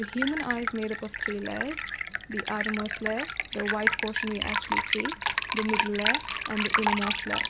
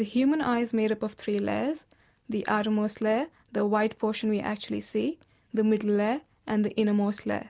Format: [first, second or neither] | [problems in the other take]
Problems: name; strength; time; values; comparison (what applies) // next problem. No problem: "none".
second | background sound (Liquid); 2 dB above the speech